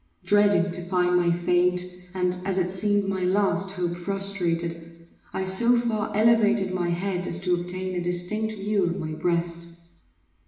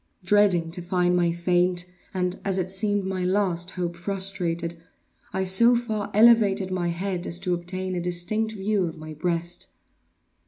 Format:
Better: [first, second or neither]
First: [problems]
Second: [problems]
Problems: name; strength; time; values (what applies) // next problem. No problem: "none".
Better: second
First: room echo; dies away in 1 s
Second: none